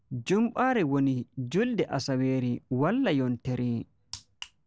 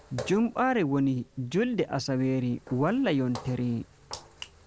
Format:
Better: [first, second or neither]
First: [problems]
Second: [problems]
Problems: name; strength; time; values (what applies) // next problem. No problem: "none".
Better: first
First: none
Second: background sound (Walk, footsteps); 19 dB below the speech